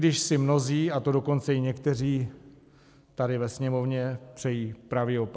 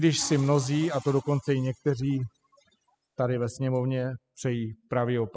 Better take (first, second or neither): first